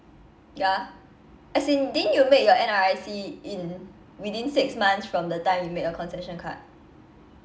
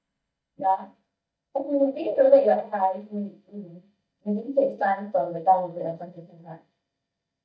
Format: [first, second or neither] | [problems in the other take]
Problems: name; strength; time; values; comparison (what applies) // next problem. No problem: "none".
first | noise reduction (neural mask model DeepFilterNet 3)